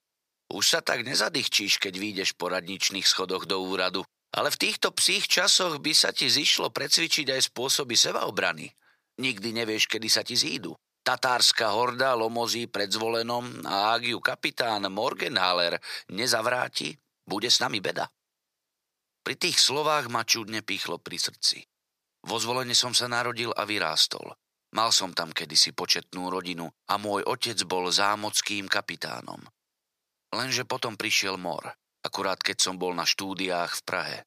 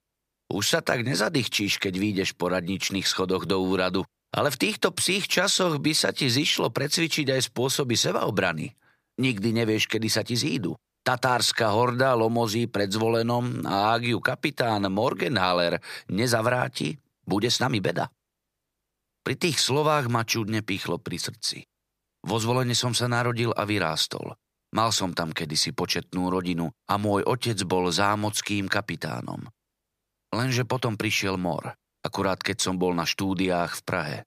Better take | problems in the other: second | thin; somewhat; fading below 650 Hz

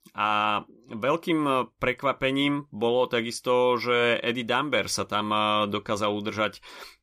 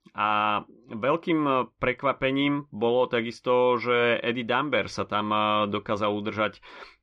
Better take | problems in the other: first | muffled; slightly; fading above 3 kHz

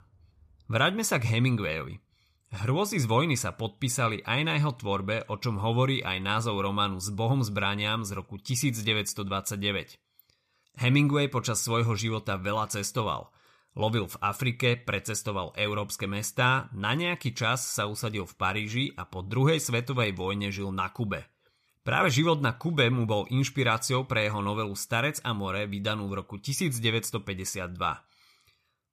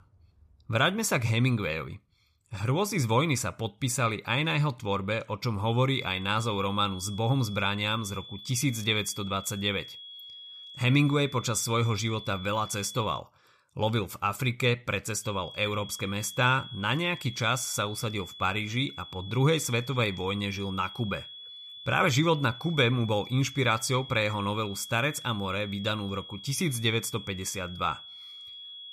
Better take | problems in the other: first | high-pitched whine; noticeable; from 6 to 13 s and from 15 s on; 3.5 kHz, 15 dB below the speech

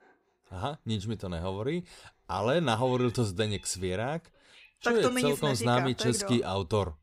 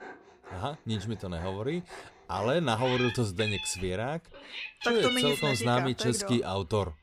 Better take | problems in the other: first | animal sounds; loud; throughout; 5 dB below the speech; faint in the first

